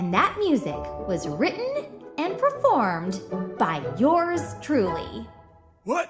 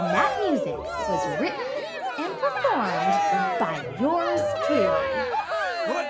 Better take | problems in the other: first | background sound (Cheering); 2 dB above the speech

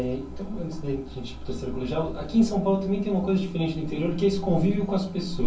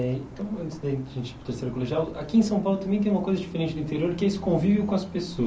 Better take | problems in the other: second | room echo; dies away in 0.2 s

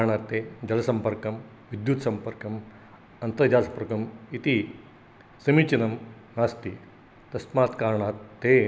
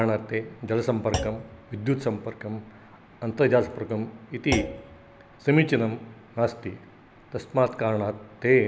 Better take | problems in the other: first | background sound (Thump, thud); 11 dB below the speech

